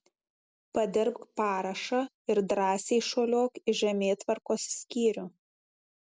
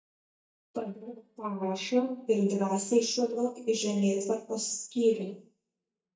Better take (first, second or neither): first